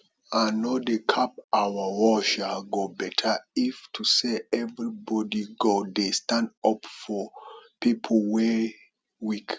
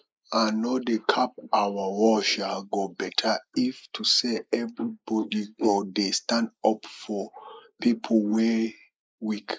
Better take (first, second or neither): first